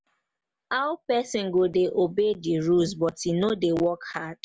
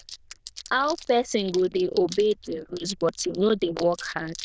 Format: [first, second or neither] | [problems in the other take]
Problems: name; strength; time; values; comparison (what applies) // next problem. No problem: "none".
first | noise reduction (neural diffusion model UNIVERSE++)